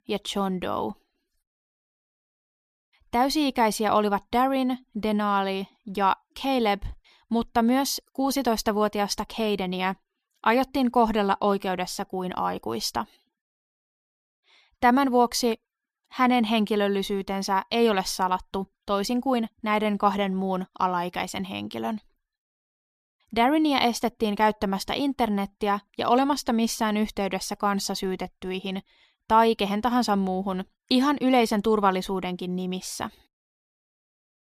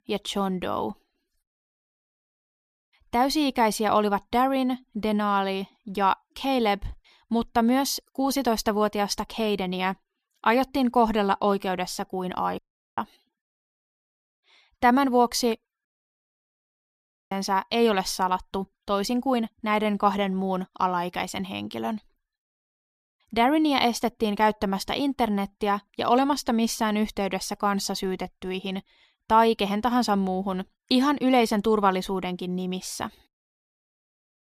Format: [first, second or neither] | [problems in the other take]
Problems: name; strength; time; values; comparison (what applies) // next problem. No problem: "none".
first | audio cutting out; at 13 s and at 16 s for 1.5 s